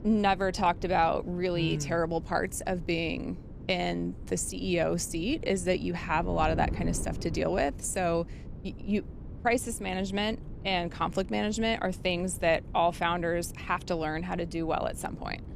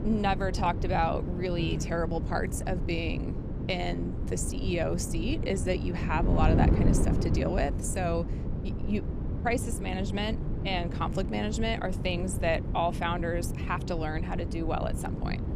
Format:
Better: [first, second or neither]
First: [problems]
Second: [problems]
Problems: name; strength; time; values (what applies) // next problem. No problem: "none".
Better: first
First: wind noise on the microphone; occasional gusts; 20 dB below the speech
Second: wind noise on the microphone; heavy; 8 dB below the speech